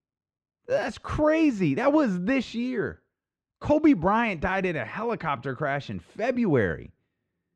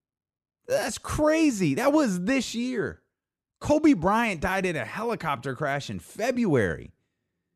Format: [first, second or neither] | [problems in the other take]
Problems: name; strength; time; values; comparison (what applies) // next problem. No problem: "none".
second | muffled; slightly; fading above 3 kHz